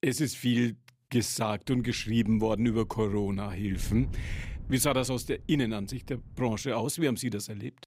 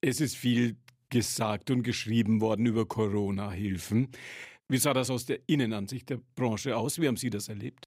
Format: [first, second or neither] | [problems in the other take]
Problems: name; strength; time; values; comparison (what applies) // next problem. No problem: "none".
second | wind noise on the microphone; occasional gusts; from 1.5 to 6.5 s; 25 dB below the speech